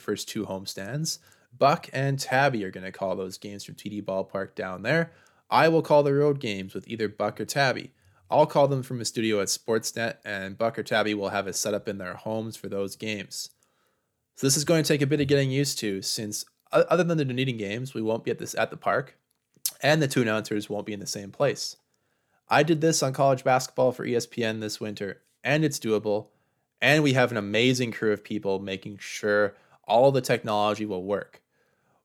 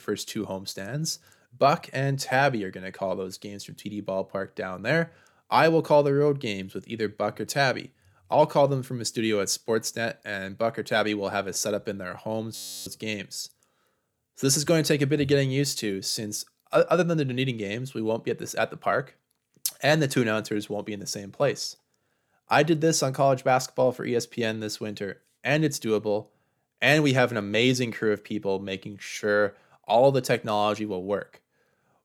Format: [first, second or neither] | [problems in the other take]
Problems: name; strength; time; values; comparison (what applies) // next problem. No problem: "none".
first | audio freezing; at 13 s